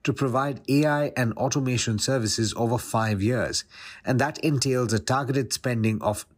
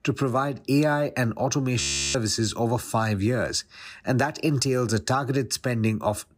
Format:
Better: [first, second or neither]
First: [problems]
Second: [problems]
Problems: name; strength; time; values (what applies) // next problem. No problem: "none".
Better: first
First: none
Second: audio freezing; at 2 s